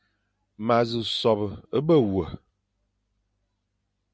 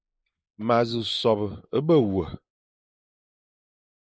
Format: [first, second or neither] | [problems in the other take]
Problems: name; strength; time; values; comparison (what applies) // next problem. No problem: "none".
first | noise reduction (neural mask model Resemble Enhance denoiser)